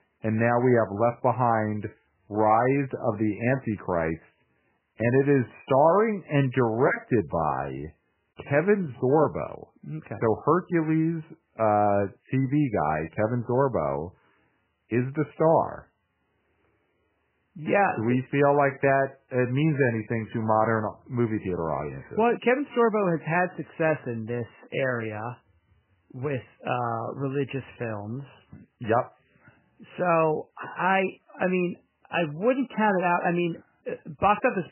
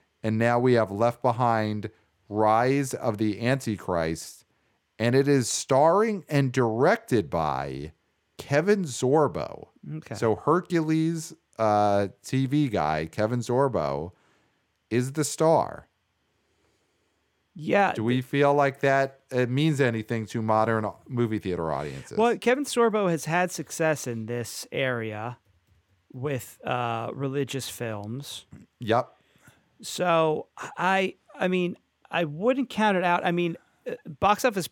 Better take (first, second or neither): second